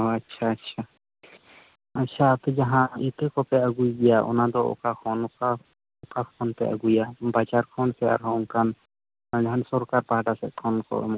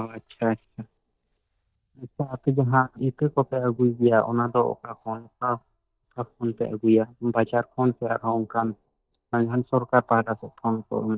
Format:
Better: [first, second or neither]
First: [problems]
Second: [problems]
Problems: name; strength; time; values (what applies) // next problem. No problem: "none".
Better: first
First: none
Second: noise reduction (neural mask model DeepFilterNet 3)